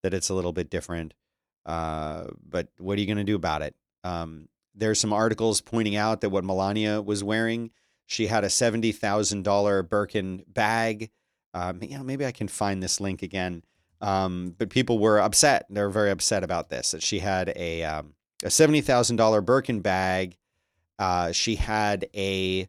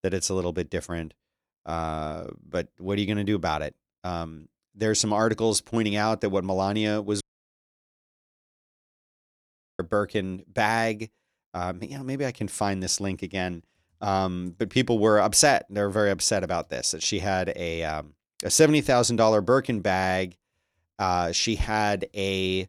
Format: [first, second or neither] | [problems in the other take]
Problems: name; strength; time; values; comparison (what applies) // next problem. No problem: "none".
first | audio cutting out; at 7 s for 2.5 s